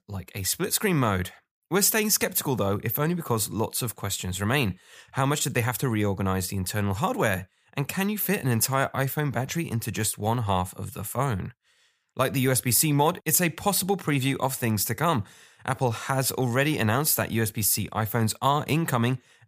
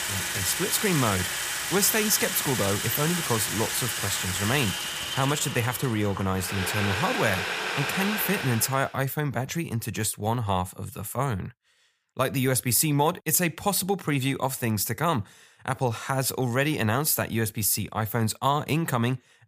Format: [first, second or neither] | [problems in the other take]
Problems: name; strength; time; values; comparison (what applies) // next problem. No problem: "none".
first | household noises; loud; until 8.5 s; 2 dB below the speech